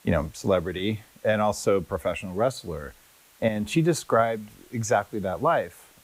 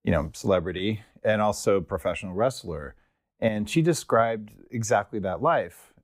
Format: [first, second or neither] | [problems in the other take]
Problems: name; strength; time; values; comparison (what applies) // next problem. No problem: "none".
second | hiss; faint; throughout; 30 dB below the speech